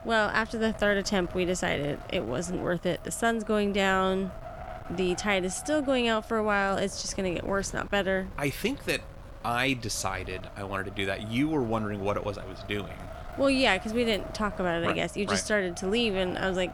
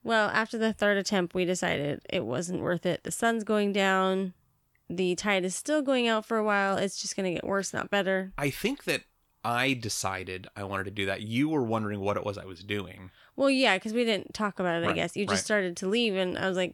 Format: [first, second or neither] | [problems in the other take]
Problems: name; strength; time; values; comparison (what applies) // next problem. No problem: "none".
second | wind noise on the microphone; occasional gusts; 15 dB below the speech